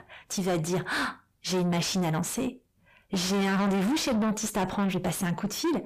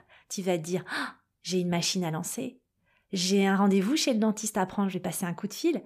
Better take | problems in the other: second | distortion; heavy; 6 dB below the speech

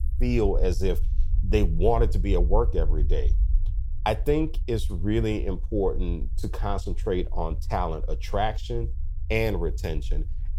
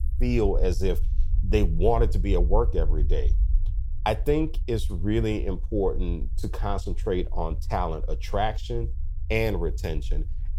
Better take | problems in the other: neither | low rumble; faint; throughout; 20 dB below the speech; the same in both

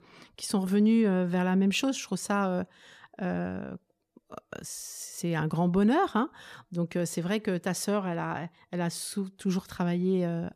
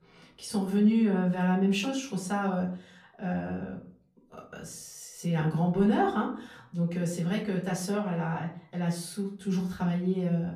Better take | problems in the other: first | off-mic speech; far // room echo; slight; dies away in 0.4 s

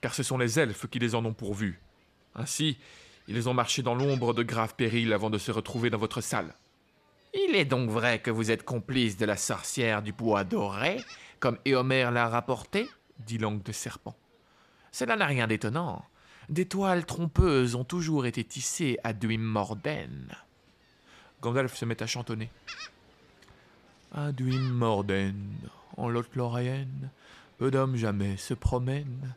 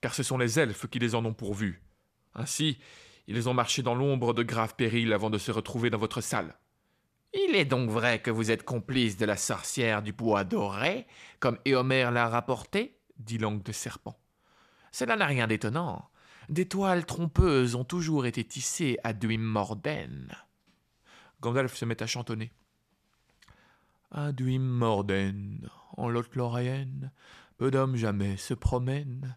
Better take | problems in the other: second | animal sounds; faint; throughout; 25 dB below the speech

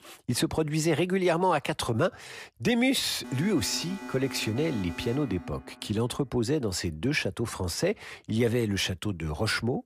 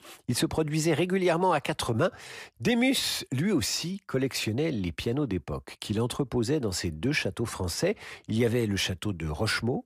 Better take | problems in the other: second | alarm; faint; from 3 to 6 s; peak 10 dB below the speech

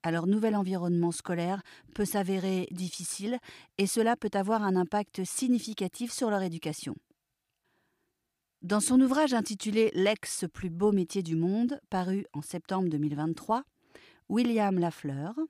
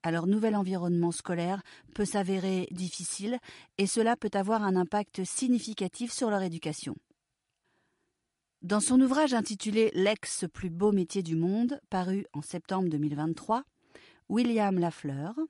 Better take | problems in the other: first | garbled, watery; slightly; nothing above 10.5 kHz

